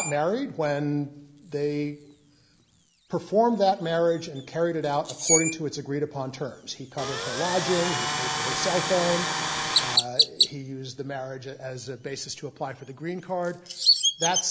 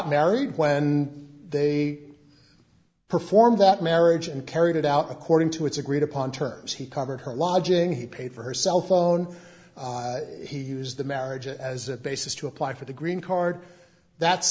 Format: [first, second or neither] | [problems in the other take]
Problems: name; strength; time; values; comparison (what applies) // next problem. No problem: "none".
second | background sound (Tools + Chirp, tweet); 1 dB below the speech